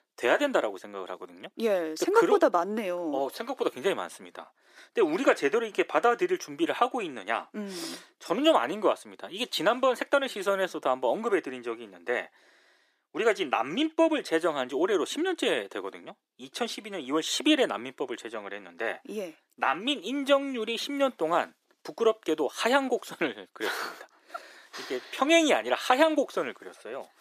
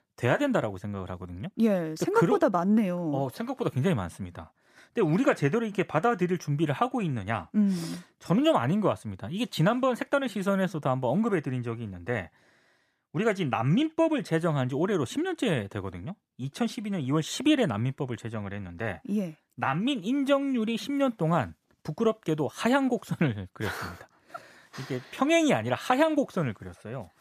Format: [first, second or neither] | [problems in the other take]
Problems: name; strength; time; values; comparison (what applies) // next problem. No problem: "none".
second | thin; somewhat; fading below 350 Hz